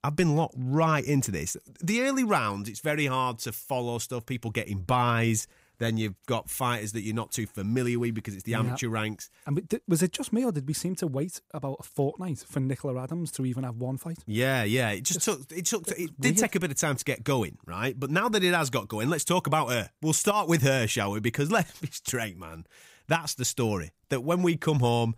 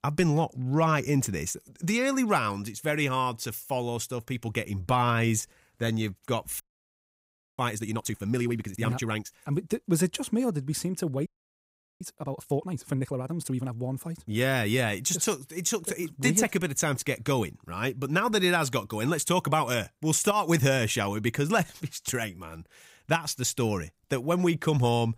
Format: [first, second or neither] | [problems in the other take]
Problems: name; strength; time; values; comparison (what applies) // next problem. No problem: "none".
first | audio freezing; at 6.5 s for 1 s and at 11 s for 1 s